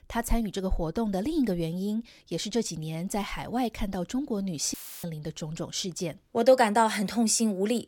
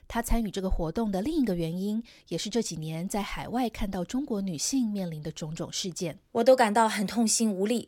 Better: second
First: audio cutting out; filled with static; at 4.5 s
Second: none

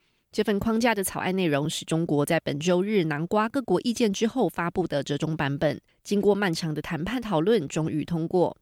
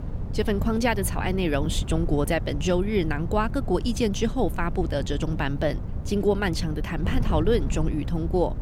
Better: first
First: none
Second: wind noise on the microphone; occasional gusts; 15 dB below the speech

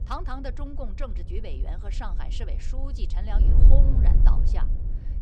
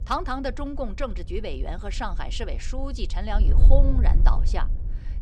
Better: second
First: wind noise on the microphone; heavy; 5 dB below the speech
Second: wind noise on the microphone; occasional gusts; 15 dB below the speech

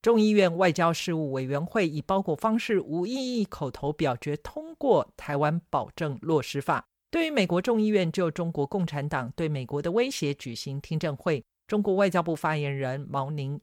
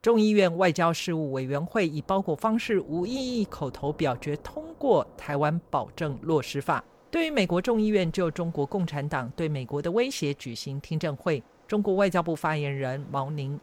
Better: first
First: none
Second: rain or running water; faint; throughout; 25 dB below the speech

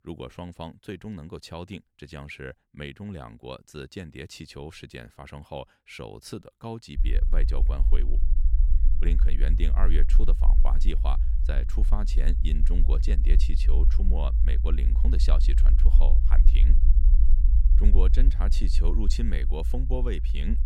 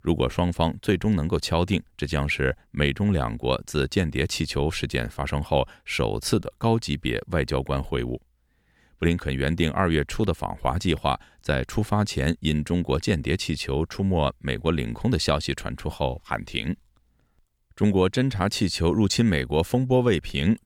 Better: second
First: low rumble; loud; from 7 s on; 8 dB below the speech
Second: none

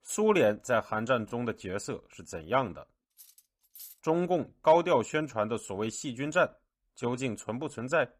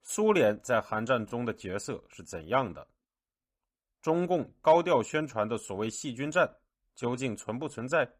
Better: second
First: clattering dishes; faint; at 3 s; peak 15 dB below the speech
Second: none

